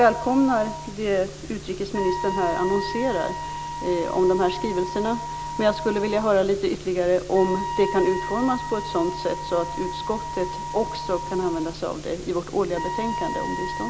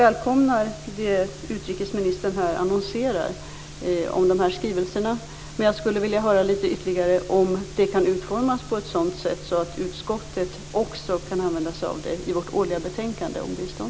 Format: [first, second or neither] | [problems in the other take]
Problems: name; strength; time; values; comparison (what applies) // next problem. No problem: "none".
second | background sound (Wind instrument, woodwind instrument); 8 dB below the speech